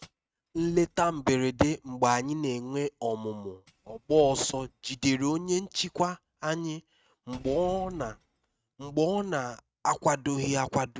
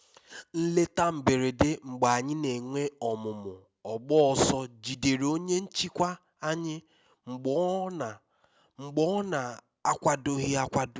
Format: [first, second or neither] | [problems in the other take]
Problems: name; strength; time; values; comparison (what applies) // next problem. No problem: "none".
second | noise reduction (neural mask model RNNoise)